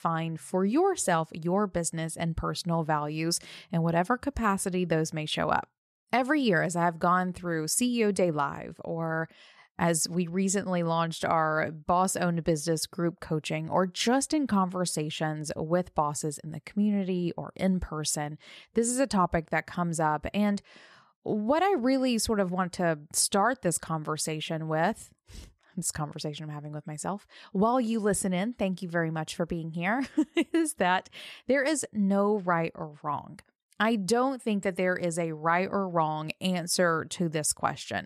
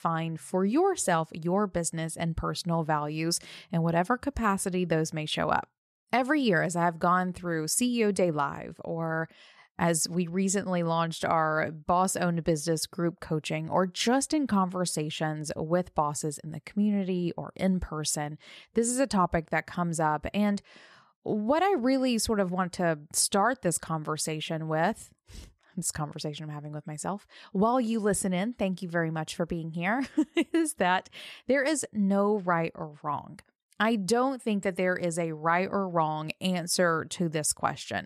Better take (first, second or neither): neither